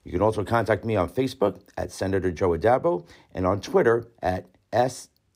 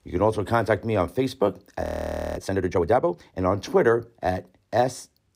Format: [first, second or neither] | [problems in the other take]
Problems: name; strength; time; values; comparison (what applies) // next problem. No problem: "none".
first | audio freezing; at 2 s for 0.5 s